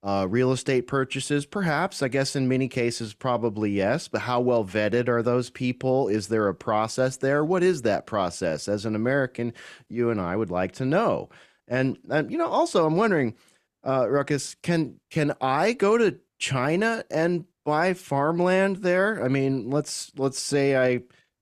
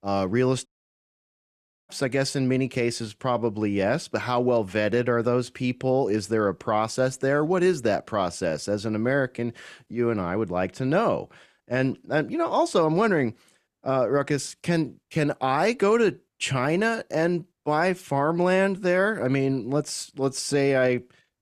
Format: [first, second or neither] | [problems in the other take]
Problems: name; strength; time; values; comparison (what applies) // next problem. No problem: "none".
first | audio cutting out; at 0.5 s for 1 s